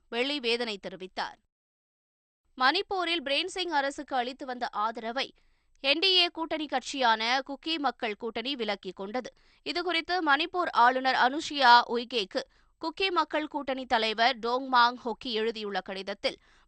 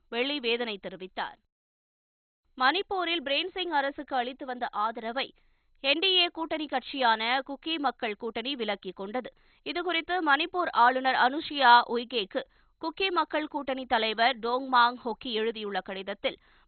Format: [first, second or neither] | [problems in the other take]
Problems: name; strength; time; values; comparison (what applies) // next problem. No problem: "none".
first | garbled, watery; badly; nothing above 4 kHz; slightly in the first